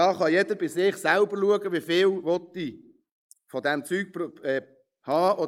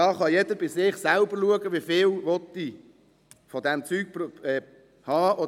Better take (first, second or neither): second